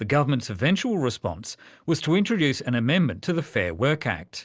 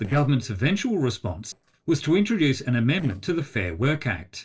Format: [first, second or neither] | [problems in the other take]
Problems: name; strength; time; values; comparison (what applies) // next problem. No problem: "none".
first | noise reduction (neural separator model SepFormer DNS4)